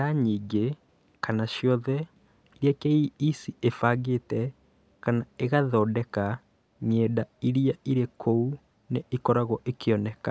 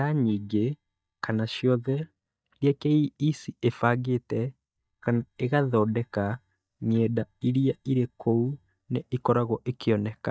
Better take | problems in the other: first | noise reduction (neural mask model DeepFilterNet 3)

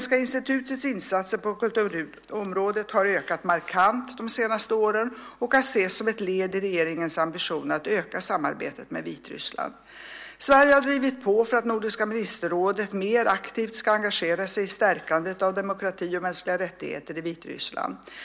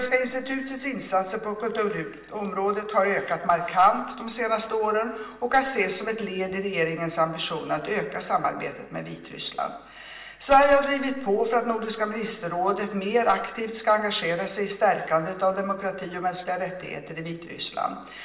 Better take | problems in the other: first | room echo; dies away in 1 s

